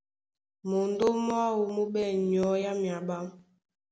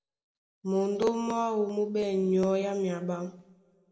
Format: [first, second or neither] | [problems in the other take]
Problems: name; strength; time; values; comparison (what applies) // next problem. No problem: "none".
first | room echo; dies away in 0.7 s